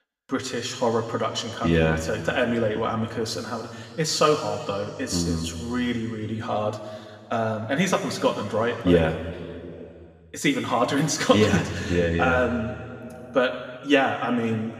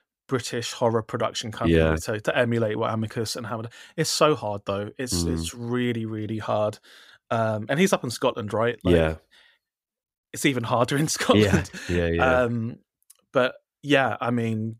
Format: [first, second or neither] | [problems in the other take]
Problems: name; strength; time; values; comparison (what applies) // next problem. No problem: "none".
second | room echo; slight; dies away in 2.5 s // off-mic speech; somewhat distant